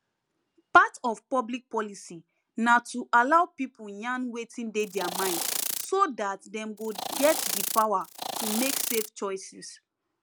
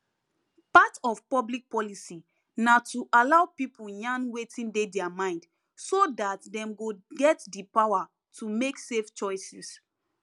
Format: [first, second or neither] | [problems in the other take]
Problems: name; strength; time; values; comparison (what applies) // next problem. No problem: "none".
second | background sound (Insect); 3 dB below the speech